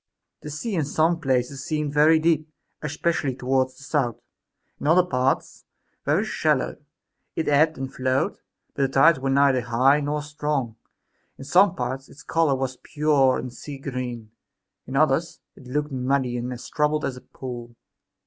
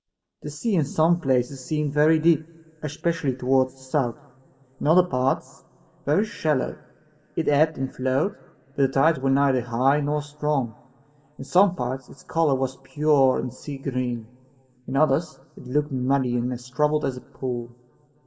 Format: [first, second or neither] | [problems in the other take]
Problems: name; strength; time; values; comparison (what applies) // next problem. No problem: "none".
first | room echo; dies away in 2.1 s